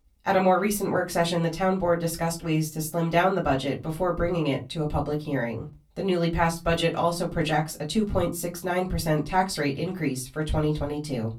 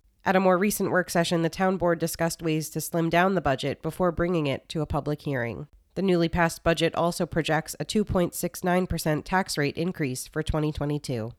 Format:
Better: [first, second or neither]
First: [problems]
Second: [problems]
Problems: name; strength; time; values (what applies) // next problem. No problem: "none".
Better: second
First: off-mic speech; far // room echo; very slight; dies away in 0.2 s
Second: none